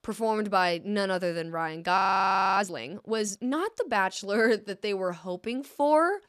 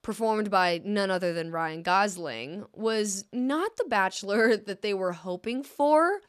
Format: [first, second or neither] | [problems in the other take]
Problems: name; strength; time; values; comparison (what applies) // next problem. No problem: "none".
second | audio freezing; at 2 s for 0.5 s